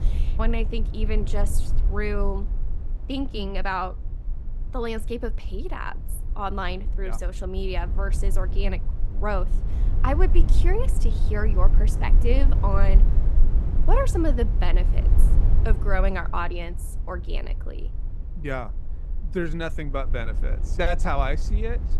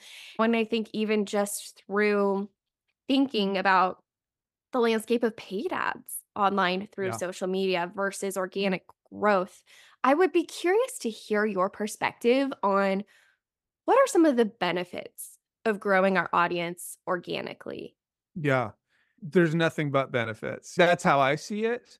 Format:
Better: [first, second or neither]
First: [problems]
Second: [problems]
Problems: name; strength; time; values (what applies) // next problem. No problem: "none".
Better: second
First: low rumble; noticeable; throughout; 15 dB below the speech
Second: none